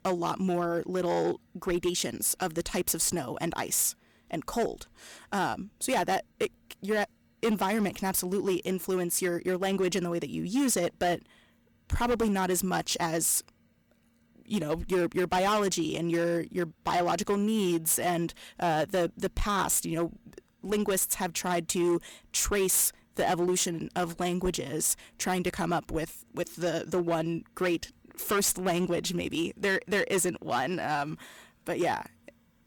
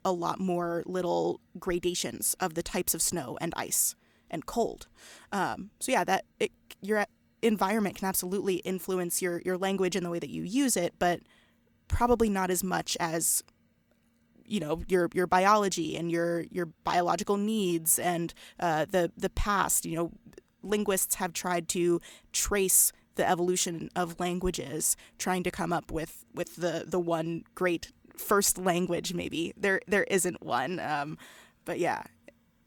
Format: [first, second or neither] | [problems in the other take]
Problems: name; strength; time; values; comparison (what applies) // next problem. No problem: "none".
second | distortion; slight; 8% of the sound clipped